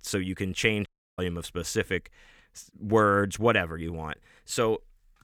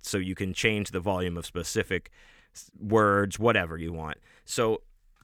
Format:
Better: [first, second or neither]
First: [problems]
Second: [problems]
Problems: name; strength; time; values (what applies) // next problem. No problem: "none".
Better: second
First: audio cutting out; at 1 s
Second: none